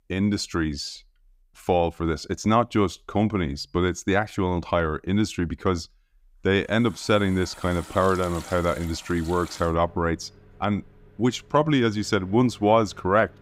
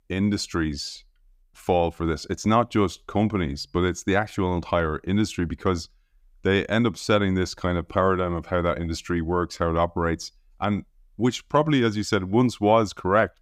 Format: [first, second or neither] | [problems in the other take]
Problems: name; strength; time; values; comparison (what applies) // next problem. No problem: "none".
second | household noises; faint; from 7 s on; 20 dB below the speech